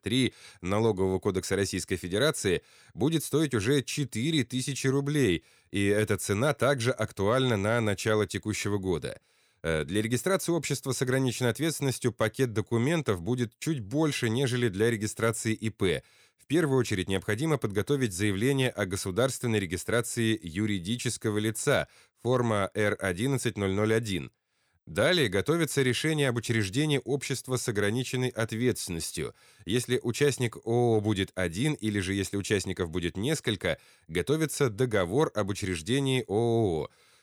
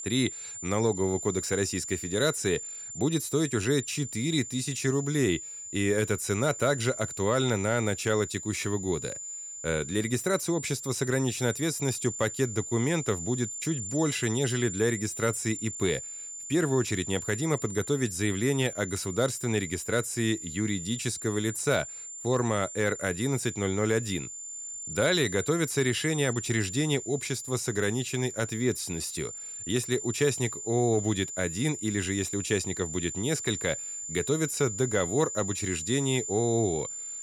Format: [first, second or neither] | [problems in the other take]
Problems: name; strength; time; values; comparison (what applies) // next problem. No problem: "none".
first | high-pitched whine; loud; throughout; 7 kHz, 7 dB below the speech